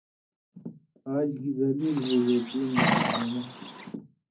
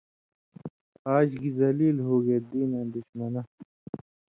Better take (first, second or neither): second